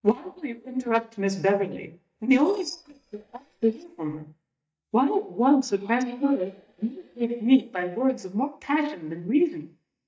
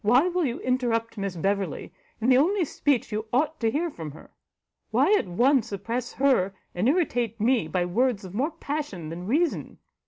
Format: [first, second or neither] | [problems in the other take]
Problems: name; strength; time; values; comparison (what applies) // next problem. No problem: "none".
second | noise reduction (neural mask model DeepFilterNet 3)